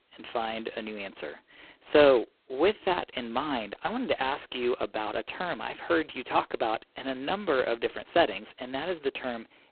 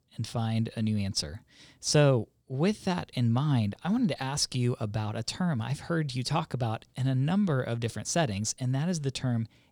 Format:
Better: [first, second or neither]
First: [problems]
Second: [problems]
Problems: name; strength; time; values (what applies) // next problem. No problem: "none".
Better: second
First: phone-call audio; poor line; nothing above 4 kHz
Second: none